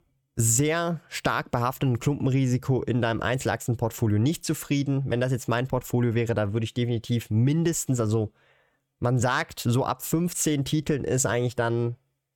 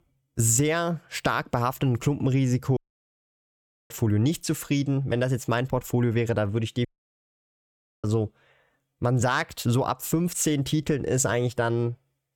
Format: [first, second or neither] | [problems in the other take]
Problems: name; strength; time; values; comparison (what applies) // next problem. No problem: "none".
first | audio cutting out; at 3 s for 1 s and at 7 s for 1 s